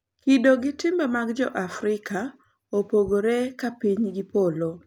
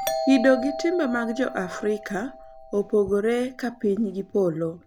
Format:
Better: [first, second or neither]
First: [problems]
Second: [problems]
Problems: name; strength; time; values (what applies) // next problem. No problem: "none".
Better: first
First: none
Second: background sound (Doorbell); 10 dB below the speech